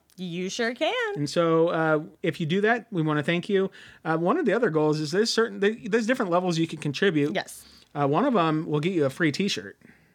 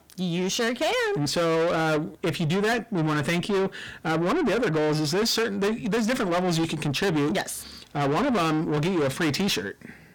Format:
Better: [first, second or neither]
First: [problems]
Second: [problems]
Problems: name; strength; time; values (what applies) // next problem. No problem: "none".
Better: first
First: none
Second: distortion; heavy; 6 dB below the speech